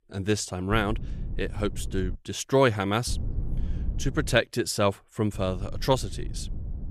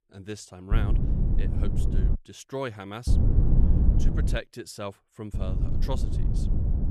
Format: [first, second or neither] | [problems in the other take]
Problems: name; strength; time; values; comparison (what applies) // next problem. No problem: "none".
first | low rumble; loud; from 0.5 to 2 s, from 3 to 4.5 s and from 5.5 s on; 2 dB below the speech; faint in the first